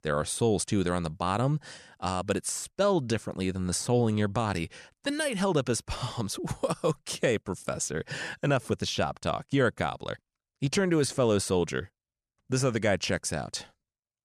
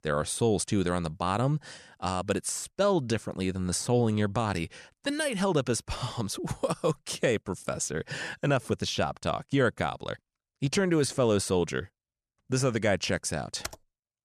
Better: first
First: none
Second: keyboard typing; faint; at 14 s; peak 10 dB below the speech

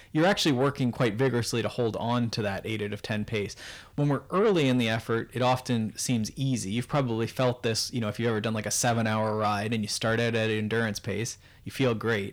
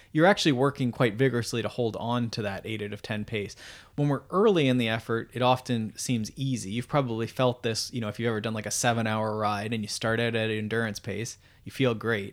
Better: second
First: distortion; slight; 10 dB below the speech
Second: none

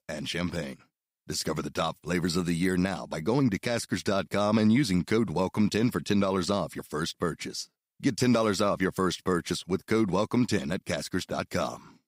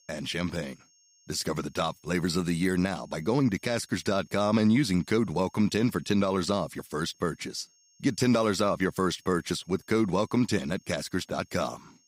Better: first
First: none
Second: high-pitched whine; faint; throughout; 6.5 kHz, 30 dB below the speech

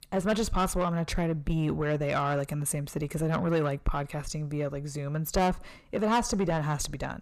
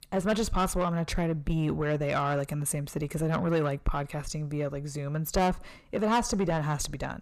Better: neither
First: distortion; heavy; 7 dB below the speech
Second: distortion; heavy; 7 dB below the speech

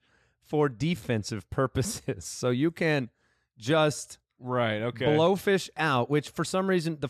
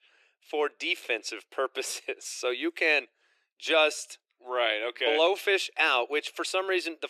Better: first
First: none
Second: thin; very; fading below 350 Hz

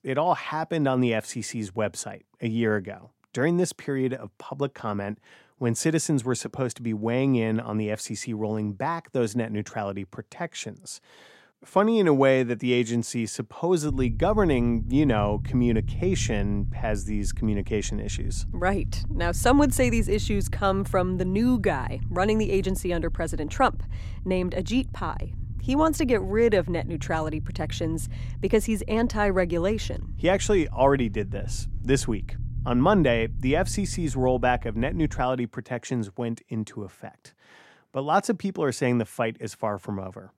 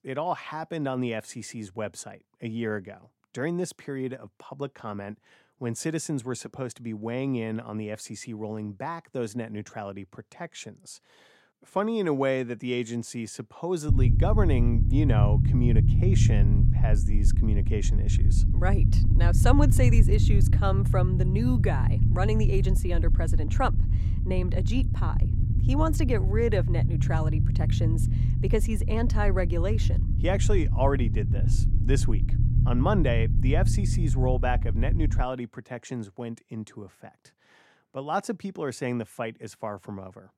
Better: first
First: low rumble; faint; from 14 to 35 s; 20 dB below the speech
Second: low rumble; loud; from 14 to 35 s; 7 dB below the speech

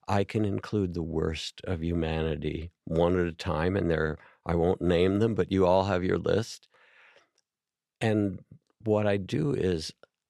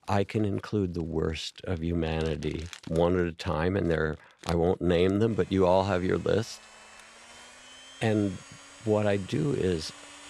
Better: first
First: none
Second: household noises; faint; throughout; 20 dB below the speech

